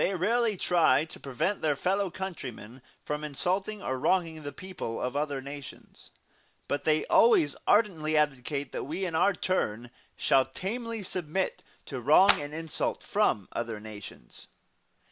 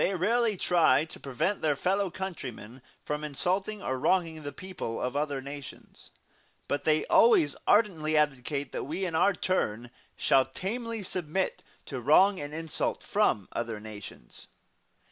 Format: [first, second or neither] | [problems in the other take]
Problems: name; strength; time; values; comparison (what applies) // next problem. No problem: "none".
second | background sound (Clapping); 1 dB below the speech